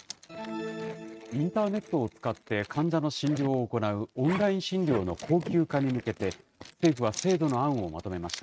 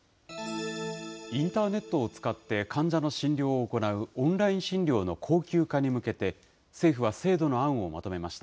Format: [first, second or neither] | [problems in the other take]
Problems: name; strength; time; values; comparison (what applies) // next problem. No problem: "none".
second | noise reduction (neural mask model RNNoise)